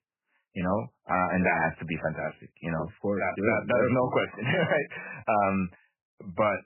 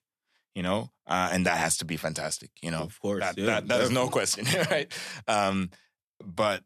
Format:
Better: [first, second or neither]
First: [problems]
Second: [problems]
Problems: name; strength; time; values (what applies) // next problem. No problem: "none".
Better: second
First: garbled, watery; badly; nothing above 3 kHz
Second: none